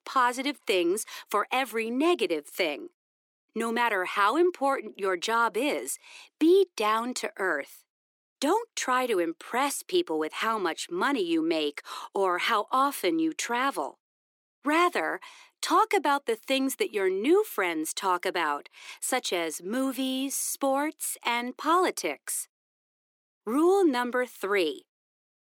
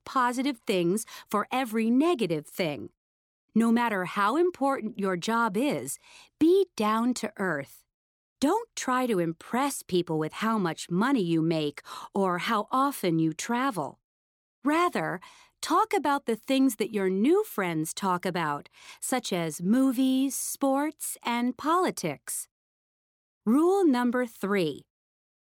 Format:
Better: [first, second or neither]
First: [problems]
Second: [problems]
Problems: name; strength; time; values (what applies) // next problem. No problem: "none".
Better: second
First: thin; somewhat; fading below 350 Hz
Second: none